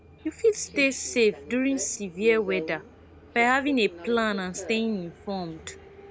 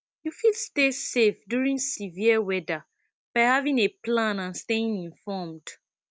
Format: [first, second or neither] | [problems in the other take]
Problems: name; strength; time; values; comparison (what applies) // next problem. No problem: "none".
second | background sound (Subway, metro, underground); 15 dB below the speech